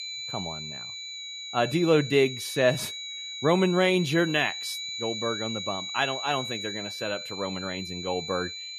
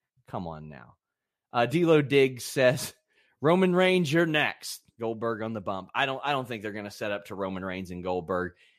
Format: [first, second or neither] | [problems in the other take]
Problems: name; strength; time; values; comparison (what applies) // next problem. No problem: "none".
second | high-pitched whine; loud; throughout; 4 kHz, 7 dB below the speech